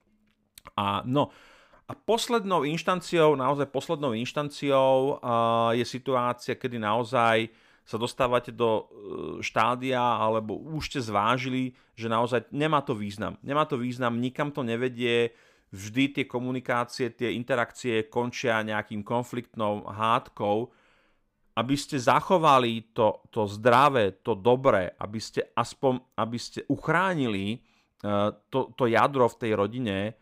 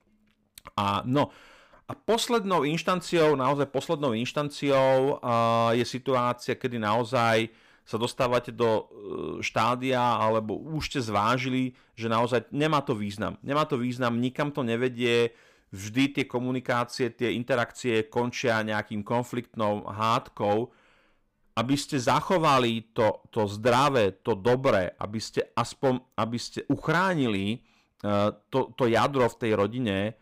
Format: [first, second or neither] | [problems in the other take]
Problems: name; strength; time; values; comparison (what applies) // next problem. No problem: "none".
first | distortion; slight; 4% of the sound clipped